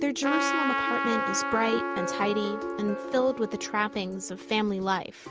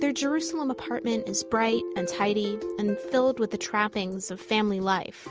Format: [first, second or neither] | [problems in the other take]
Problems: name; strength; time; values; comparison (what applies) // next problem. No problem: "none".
second | background sound (Trumpet); 4 dB below the speech